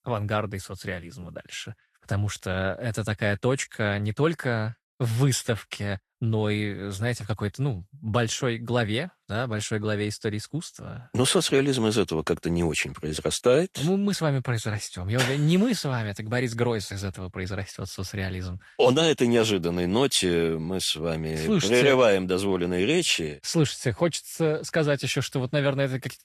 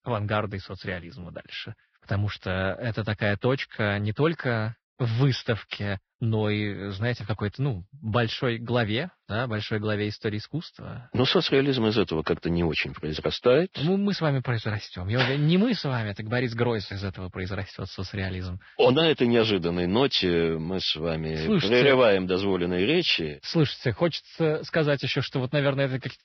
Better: first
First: garbled, watery; slightly; nothing above 12.5 kHz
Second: garbled, watery; badly; nothing above 5.5 kHz

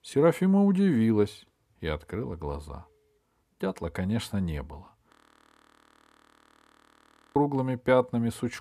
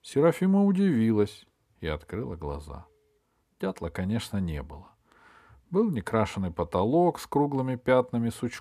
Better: second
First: audio freezing; at 5 s for 2 s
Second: none

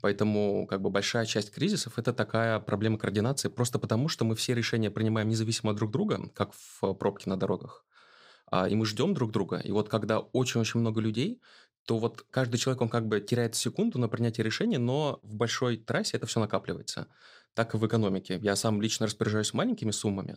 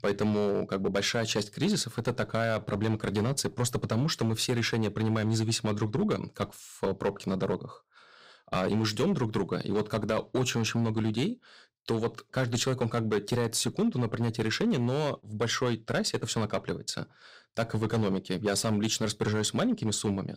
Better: first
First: none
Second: distortion; slight; 6% of the sound clipped

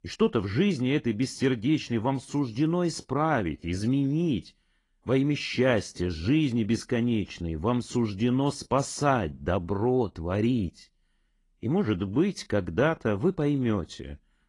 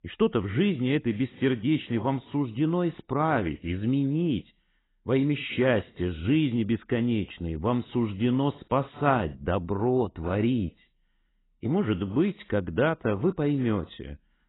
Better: first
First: garbled, watery; slightly; nothing above 10 kHz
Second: garbled, watery; badly; nothing above 4 kHz

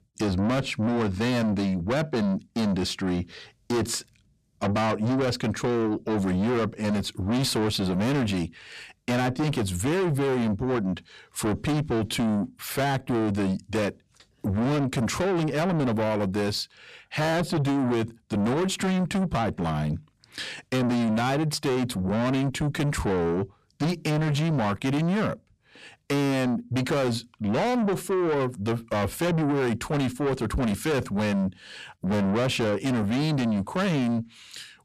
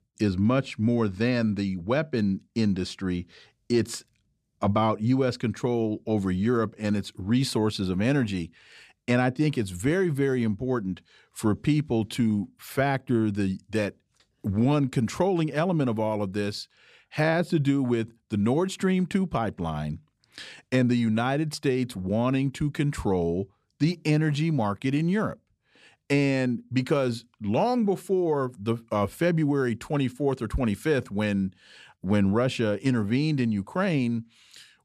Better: second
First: distortion; heavy; 7 dB below the speech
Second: none

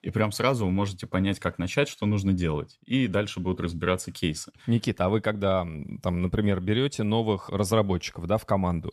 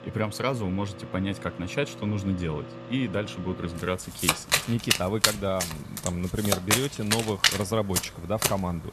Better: first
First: none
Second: household noises; very loud; throughout; 3 dB above the speech

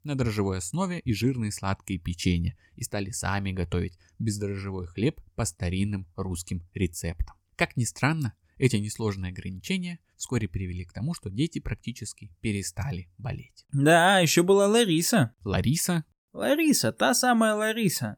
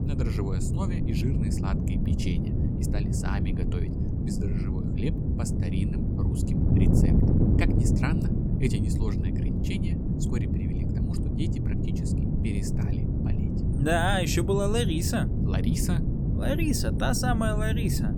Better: first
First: none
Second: wind noise on the microphone; heavy; 3 dB below the speech

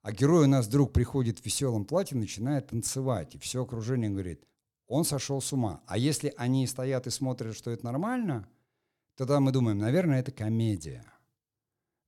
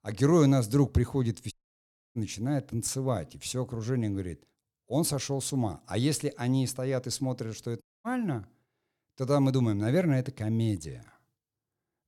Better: first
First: none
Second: audio cutting out; at 1.5 s for 0.5 s and at 8 s

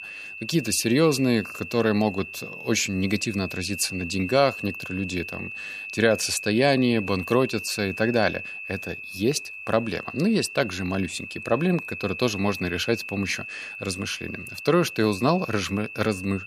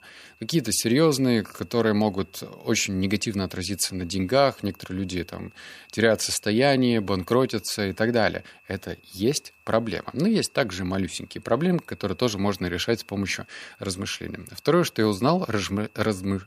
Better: second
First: high-pitched whine; loud; throughout; 2.5 kHz, 10 dB below the speech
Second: high-pitched whine; faint; throughout; 2.5 kHz, 30 dB below the speech

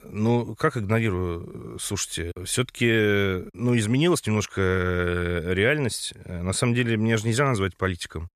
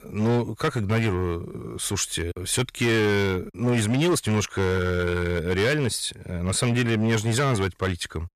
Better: first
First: none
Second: distortion; slight; 12% of the sound clipped

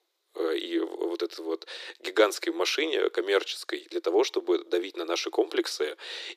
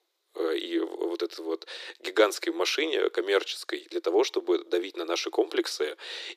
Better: neither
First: thin; very; fading below 350 Hz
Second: thin; very; fading below 350 Hz

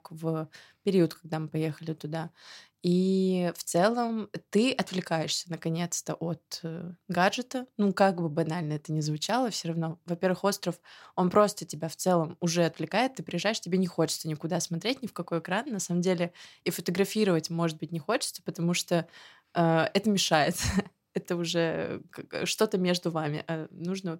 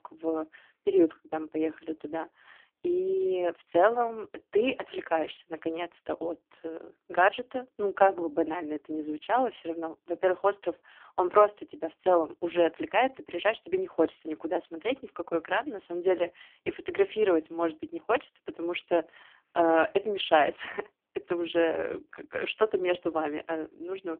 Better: first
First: none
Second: phone-call audio; poor line; nothing above 3.5 kHz

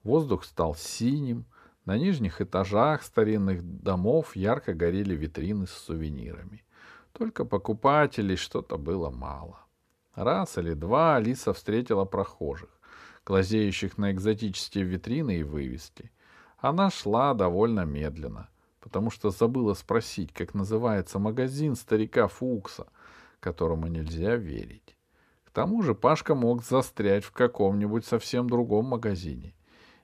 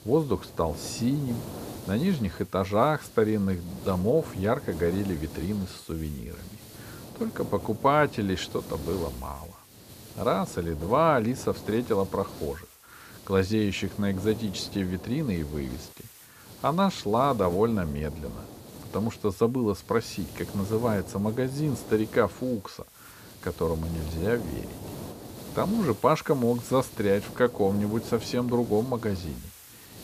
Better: first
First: none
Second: hiss; noticeable; throughout; 15 dB below the speech

